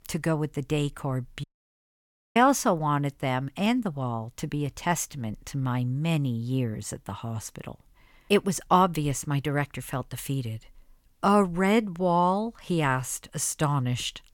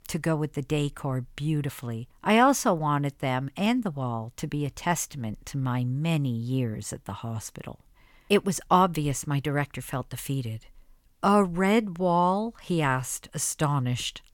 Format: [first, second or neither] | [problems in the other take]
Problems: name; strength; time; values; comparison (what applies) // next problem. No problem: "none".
second | audio cutting out; at 1.5 s for 1 s